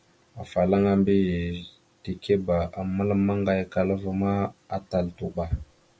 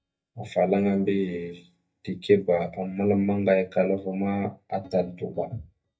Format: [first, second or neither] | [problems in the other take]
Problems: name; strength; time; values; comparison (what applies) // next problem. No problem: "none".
first | noise reduction (neural mask model DeepFilterNet 3)